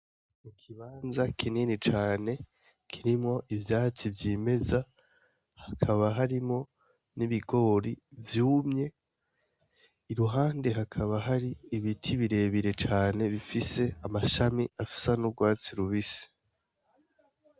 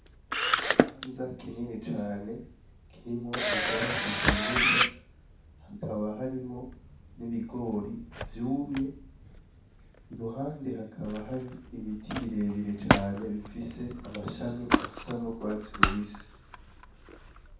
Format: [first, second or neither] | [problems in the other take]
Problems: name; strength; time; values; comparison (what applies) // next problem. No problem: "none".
first | background sound (Camera); 3 dB above the speech // room echo; dies away in 0.6 s